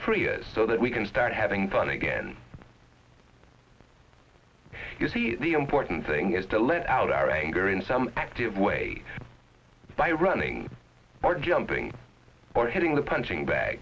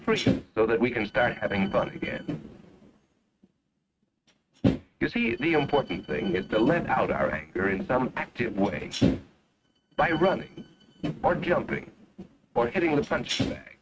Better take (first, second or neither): first